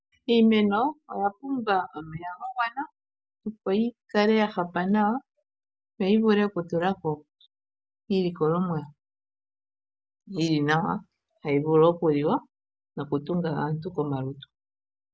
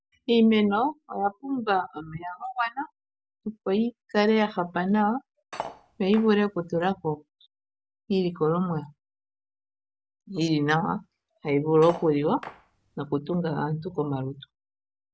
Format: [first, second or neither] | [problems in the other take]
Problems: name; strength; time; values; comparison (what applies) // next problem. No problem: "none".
first | background sound (Cutlery, silverware); 14 dB below the speech